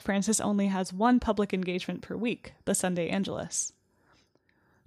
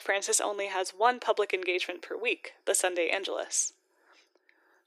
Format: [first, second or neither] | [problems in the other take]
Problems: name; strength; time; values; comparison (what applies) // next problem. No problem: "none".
first | thin; very; fading below 350 Hz